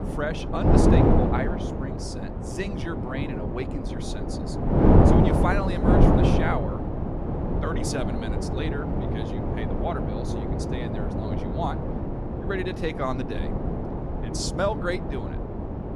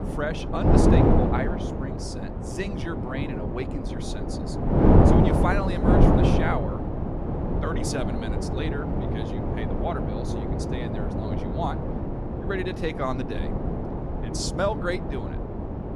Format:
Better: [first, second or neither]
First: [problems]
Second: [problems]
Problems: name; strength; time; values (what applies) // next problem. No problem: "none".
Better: neither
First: wind noise on the microphone; heavy; 2 dB above the speech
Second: wind noise on the microphone; heavy; 2 dB above the speech